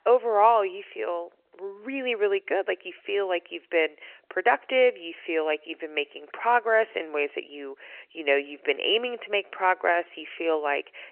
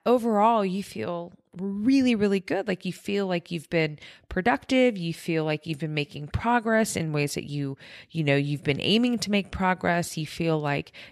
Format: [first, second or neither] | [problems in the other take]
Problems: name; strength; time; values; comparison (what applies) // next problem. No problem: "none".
second | phone-call audio; nothing above 3 kHz